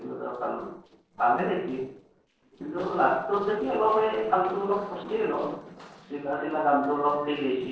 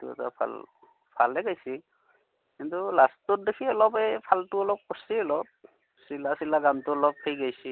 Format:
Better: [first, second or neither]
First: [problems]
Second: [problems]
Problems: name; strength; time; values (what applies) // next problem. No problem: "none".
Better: second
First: noise reduction (neural separator model SepFormer DNS4)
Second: none